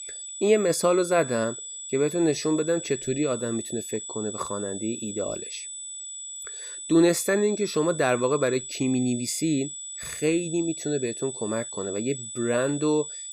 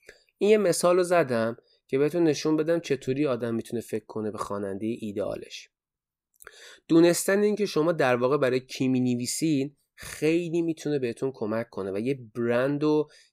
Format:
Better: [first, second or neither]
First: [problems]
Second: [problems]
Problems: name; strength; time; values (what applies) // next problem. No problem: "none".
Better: second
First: high-pitched whine; loud; throughout; 8 kHz, 9 dB below the speech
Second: none